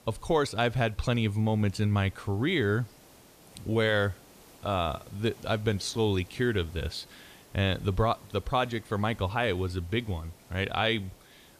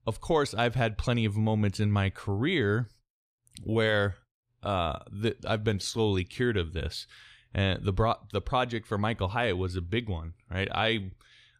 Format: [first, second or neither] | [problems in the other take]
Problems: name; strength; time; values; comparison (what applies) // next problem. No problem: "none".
second | hiss; faint; throughout; 25 dB below the speech